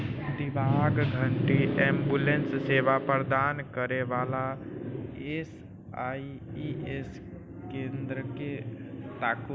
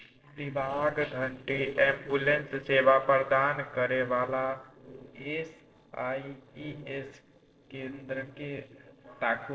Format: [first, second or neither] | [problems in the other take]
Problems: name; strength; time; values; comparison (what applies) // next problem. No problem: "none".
first | noise reduction (neural separator model SepFormer DNS4)